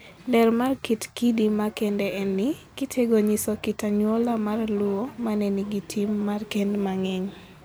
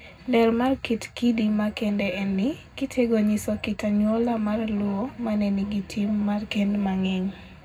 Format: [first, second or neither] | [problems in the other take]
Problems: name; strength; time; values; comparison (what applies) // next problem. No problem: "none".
first | room echo; dies away in 0.3 s